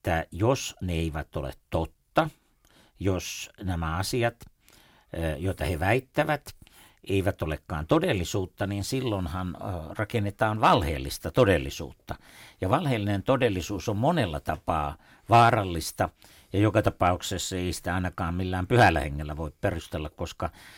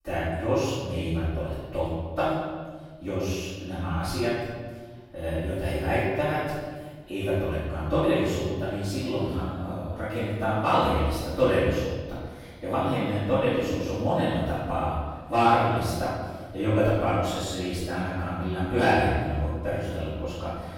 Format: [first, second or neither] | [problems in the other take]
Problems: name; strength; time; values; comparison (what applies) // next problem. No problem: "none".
first | off-mic speech; far // room echo; strong; dies away in 1.4 s